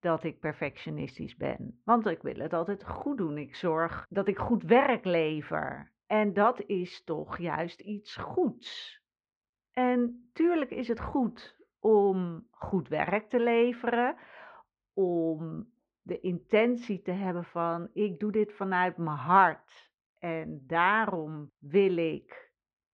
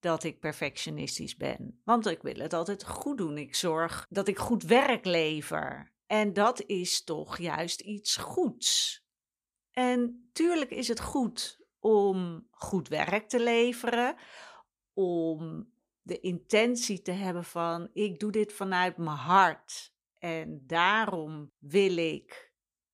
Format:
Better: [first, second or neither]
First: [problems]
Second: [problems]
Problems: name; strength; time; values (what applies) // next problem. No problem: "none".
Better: second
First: muffled; very; fading above 2 kHz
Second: none